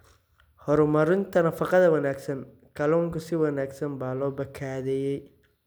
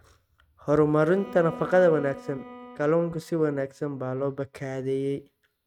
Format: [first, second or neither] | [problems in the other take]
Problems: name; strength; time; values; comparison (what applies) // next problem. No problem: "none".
first | noise reduction (neural mask model RNNoise)